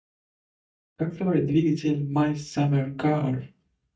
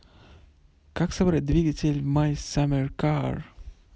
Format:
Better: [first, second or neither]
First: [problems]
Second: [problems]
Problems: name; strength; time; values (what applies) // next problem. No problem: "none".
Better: second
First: noise reduction (neural mask model DeepFilterNet 3)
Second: none